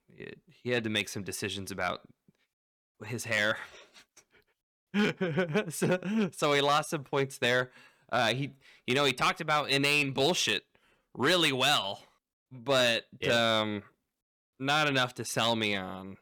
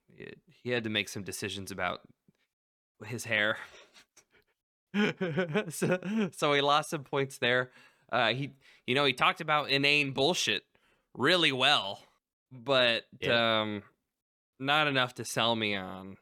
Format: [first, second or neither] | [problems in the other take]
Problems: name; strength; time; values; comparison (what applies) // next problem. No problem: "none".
second | distortion; slight; 2% of the sound clipped